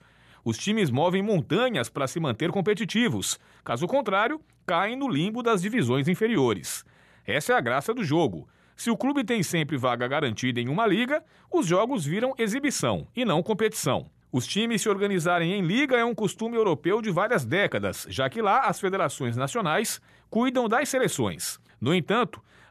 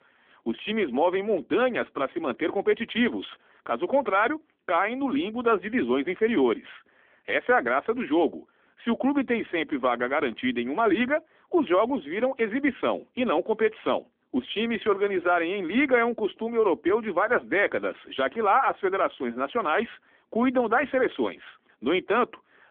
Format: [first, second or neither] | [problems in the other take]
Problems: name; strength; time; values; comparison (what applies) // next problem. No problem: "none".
first | phone-call audio; nothing above 3.5 kHz